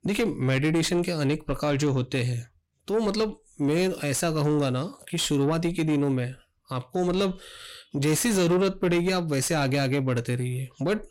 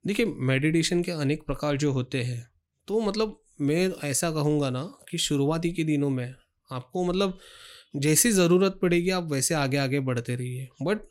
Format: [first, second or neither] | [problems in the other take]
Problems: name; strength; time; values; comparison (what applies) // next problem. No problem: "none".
second | distortion; slight; 10 dB below the speech